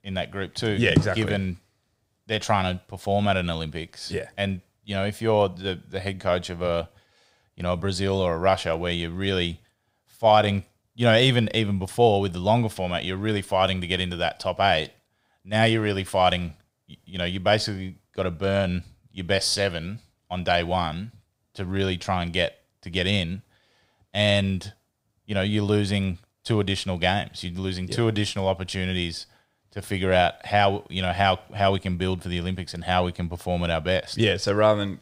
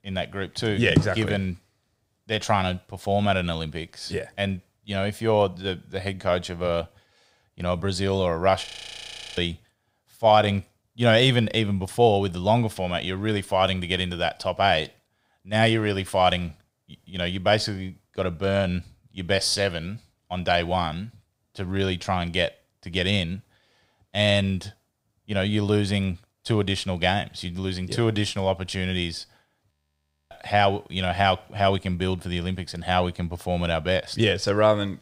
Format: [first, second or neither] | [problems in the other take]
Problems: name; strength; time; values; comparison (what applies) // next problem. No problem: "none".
first | audio freezing; at 8.5 s for 0.5 s and at 30 s for 0.5 s